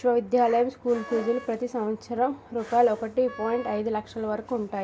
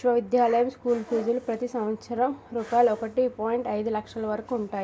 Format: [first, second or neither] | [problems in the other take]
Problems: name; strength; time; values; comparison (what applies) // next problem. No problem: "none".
second | background sound (Wind instrument, woodwind instrument); 20 dB below the speech